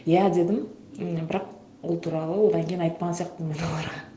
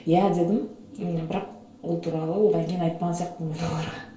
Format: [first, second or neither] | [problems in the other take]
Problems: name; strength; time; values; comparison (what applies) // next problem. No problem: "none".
first | room echo; dies away in 0.3 s